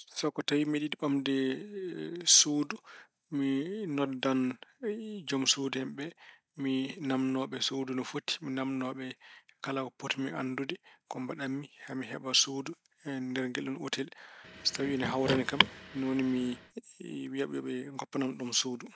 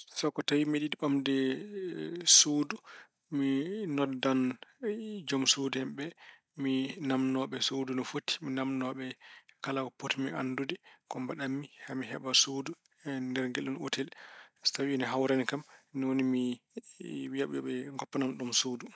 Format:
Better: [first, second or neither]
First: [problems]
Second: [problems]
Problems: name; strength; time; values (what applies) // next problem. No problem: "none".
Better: second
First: background sound (Car); 2 dB below the speech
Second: none